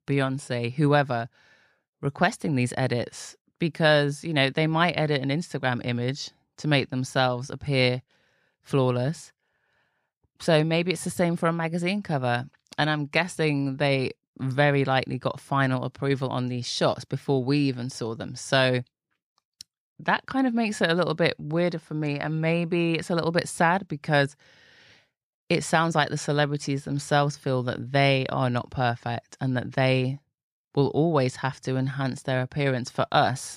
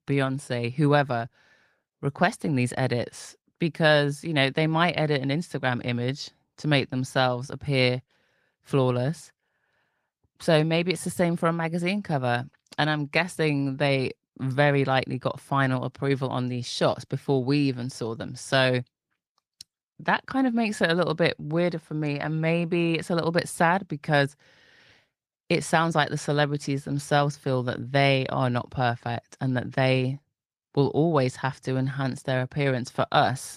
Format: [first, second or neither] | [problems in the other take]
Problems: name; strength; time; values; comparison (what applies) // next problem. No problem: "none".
first | garbled, watery; slightly